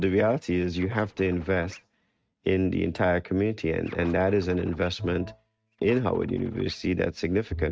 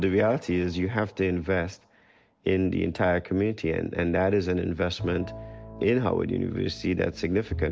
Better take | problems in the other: second | noise reduction (neural mask model RNNoise)

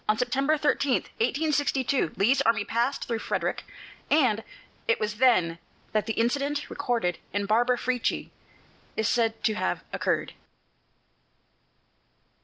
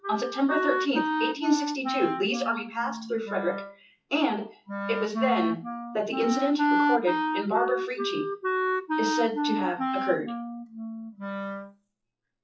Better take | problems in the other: first | noise reduction (classical method WPE with log-MMSE)

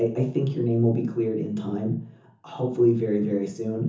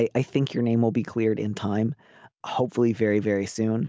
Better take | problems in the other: second | room echo; dies away in 0.6 s

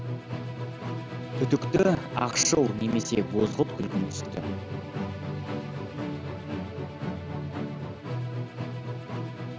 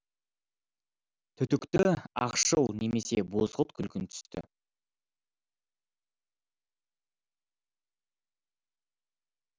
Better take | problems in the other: second | background sound (Musical instrument); 3 dB below the speech

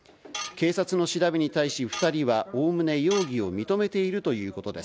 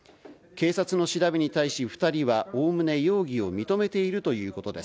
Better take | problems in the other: second | background sound (Tools); 13 dB below the speech

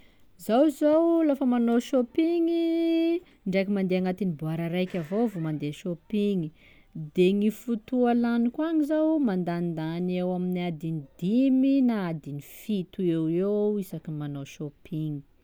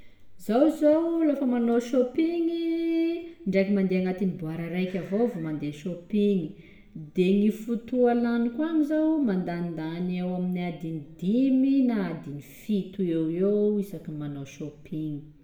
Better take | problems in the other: first | room echo; dies away in 0.7 s

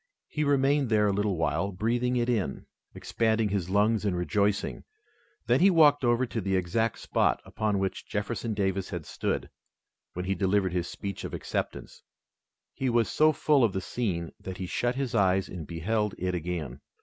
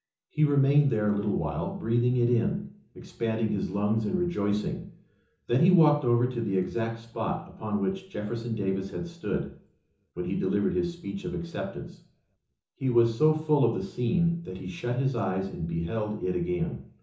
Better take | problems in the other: first | room echo; dies away in 0.7 s

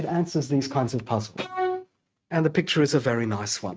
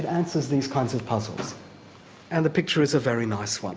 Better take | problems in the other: second | noise reduction (neural mask model RNNoise)

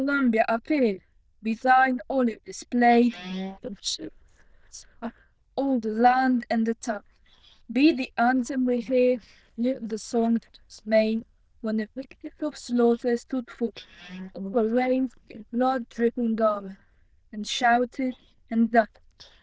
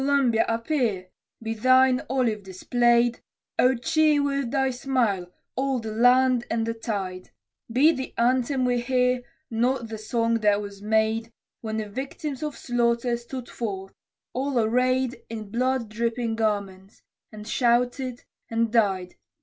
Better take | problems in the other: second | noise reduction (neural diffusion model UNIVERSE++)

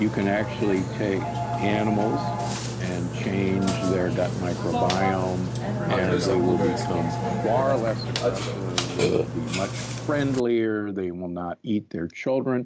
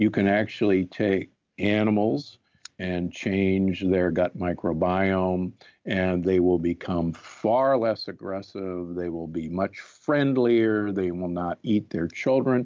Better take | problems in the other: second | background sound (Burping, eructation); 1 dB below the speech

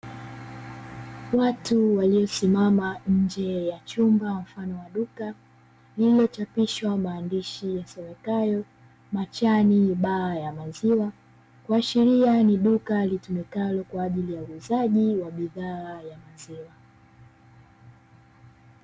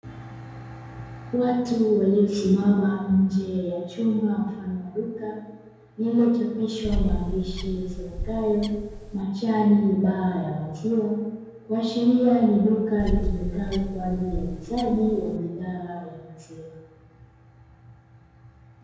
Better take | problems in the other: first | background sound (Bird); 5 dB below the speech // room echo; dies away in 1.2 s

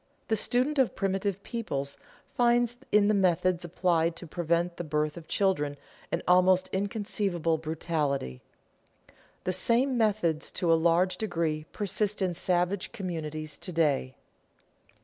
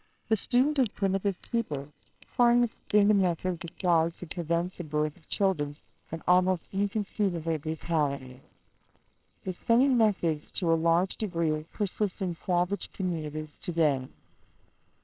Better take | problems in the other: first | noise reduction (neural separator model SepFormer WHAMR!)

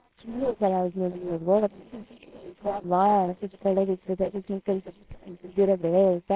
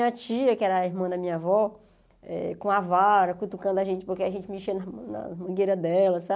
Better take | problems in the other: second | noise reduction (neural separator model SepFormer WHAMR!)

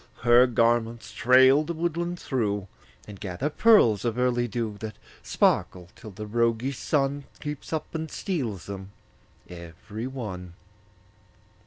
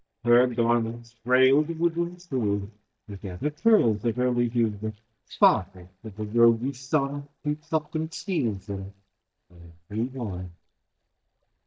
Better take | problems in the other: first | noise reduction (neural mask model DeepFilterNet 3)

